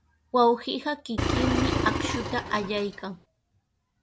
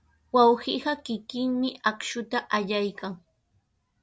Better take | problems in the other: second | background sound (Engine); as loud as the speech

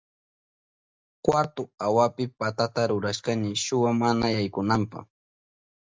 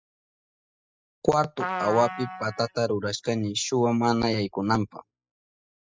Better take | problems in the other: first | noise reduction (classical method spectral subtraction)

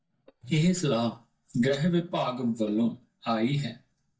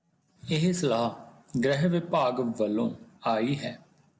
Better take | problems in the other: second | noise reduction (neural mask model DeepFilterNet 3)

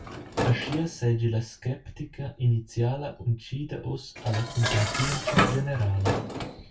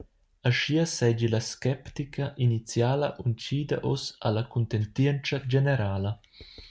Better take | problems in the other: second | background sound (Dishes, pots, and pans); 4 dB below the speech // room echo; dies away in 0.1 s

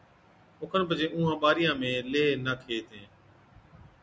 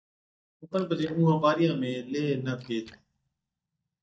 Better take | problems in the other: first | noise reduction (neural mask model DeepFilterNet 3)

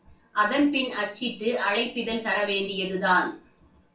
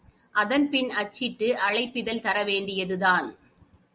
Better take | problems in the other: second | room echo; dies away in 0.3 s

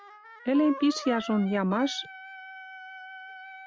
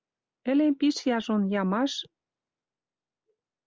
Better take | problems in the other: second | background sound (Wind instrument, woodwind instrument); 13 dB below the speech

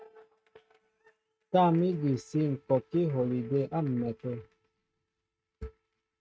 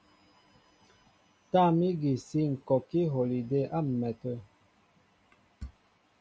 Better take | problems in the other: second | noise reduction (neural mask model RNNoise)

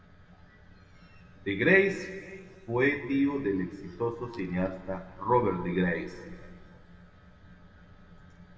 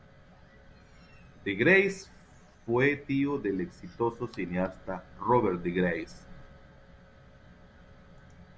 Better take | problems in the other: second | room echo; dies away in 1.6 s

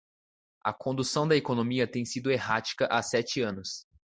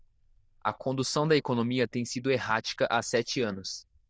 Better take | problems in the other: first | noise reduction (neural diffusion model UNIVERSE++)

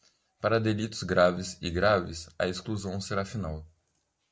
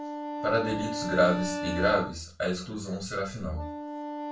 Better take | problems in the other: first | background sound (Wind instrument, woodwind instrument); 6 dB below the speech // room echo; dies away in 0.3 s

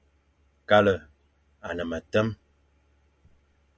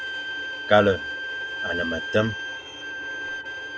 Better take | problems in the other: first | background sound (Bowed string instrument); 5 dB below the speech

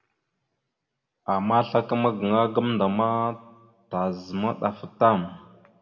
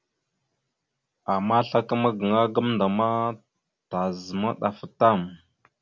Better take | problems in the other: second | room echo; dies away in 1.3 s

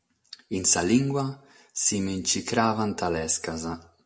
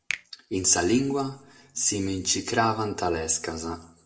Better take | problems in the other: first | background sound (Finger snapping); 15 dB below the speech // room echo; dies away in 0.5 s

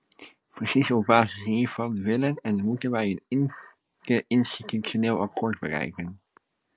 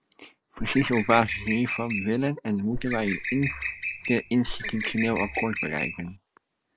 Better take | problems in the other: first | background sound (Bird); 6 dB below the speech

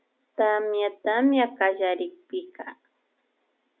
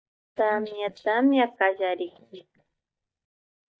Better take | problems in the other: first | noise reduction (neural mask model DeepFilterNet 3)

